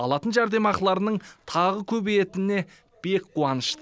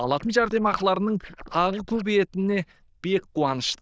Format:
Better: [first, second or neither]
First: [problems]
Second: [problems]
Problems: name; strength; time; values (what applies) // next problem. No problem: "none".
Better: first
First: none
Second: noise reduction (neural diffusion model UNIVERSE++)